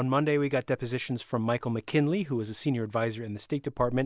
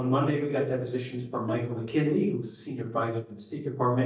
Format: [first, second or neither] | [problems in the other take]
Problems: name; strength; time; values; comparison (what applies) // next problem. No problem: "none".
first | noise reduction (neural mask model DeepFilterNet 3)